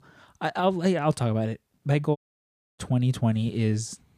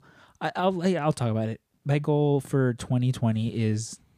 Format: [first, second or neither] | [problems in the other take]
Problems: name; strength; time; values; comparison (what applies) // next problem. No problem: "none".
second | audio cutting out; at 2 s for 0.5 s